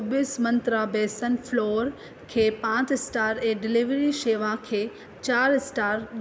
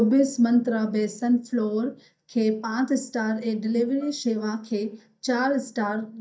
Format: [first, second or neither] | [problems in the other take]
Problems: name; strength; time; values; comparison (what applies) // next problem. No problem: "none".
first | noise reduction (neural mask model DeepFilterNet 3)